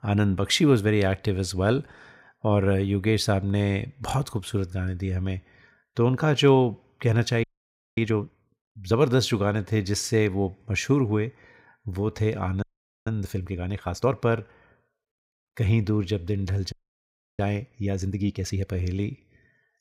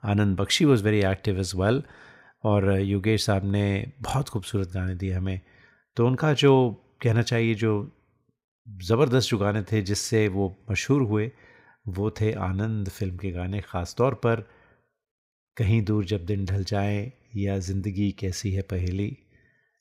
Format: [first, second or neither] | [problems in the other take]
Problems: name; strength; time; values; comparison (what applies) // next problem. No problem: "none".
second | audio freezing; at 7.5 s for 0.5 s, at 13 s and at 17 s for 0.5 s